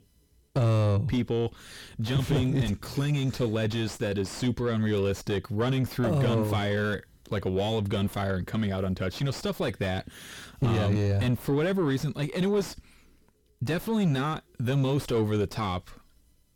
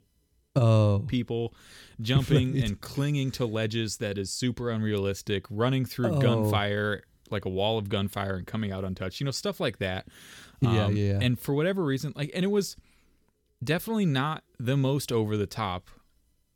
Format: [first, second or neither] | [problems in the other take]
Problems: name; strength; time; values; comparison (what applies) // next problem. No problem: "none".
second | distortion; heavy; 6 dB below the speech